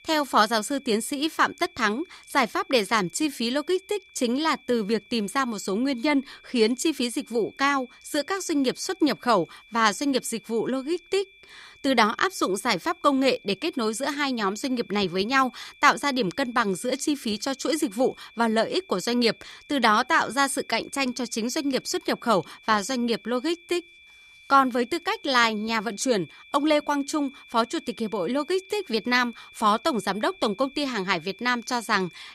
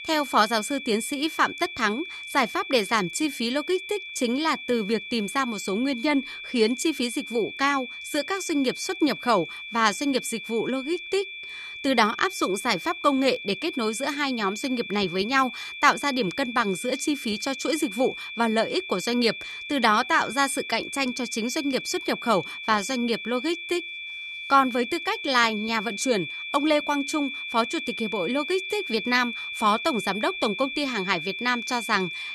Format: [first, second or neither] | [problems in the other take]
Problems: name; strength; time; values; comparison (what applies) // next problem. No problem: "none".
first | high-pitched whine; loud; throughout; 2.5 kHz, 9 dB below the speech; faint in the first